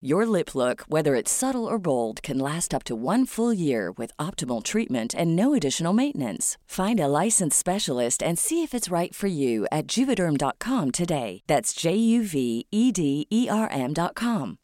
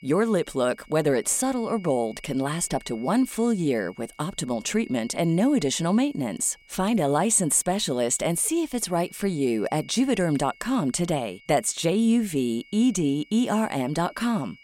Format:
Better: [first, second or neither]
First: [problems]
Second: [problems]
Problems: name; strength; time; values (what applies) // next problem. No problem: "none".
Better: first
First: none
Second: high-pitched whine; faint; throughout; 2.5 kHz, 25 dB below the speech